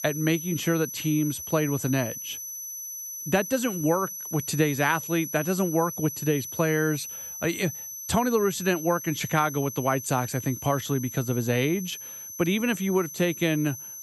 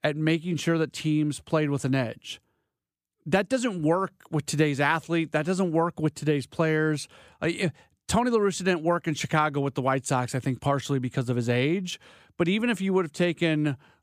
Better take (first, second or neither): second